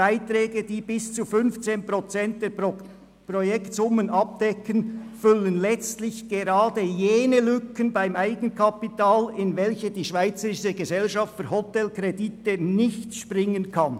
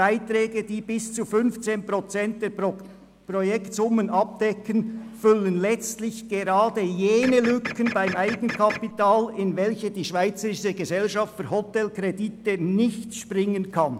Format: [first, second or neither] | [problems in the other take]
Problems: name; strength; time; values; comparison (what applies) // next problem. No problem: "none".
first | background sound (Printer); 10 dB below the speech